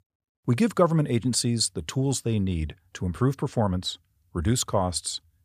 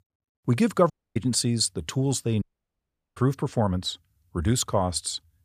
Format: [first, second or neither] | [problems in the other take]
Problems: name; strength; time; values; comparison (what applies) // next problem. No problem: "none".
first | audio cutting out; at 1 s and at 2.5 s for 0.5 s